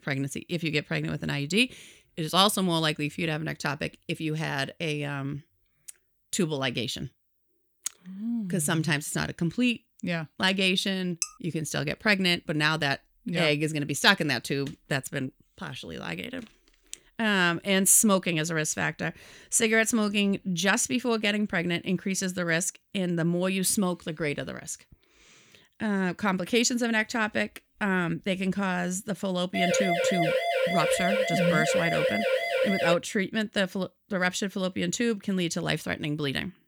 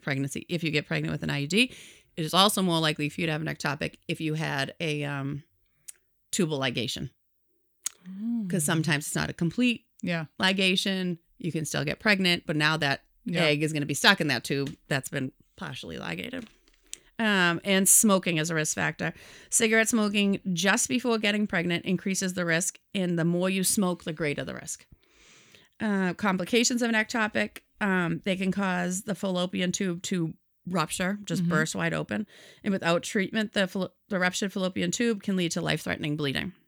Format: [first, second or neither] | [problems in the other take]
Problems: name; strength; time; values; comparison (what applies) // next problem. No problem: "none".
second | clattering dishes; very faint; at 11 s; peak 6 dB below the speech // siren; loud; from 30 to 33 s; peak 2 dB above the speech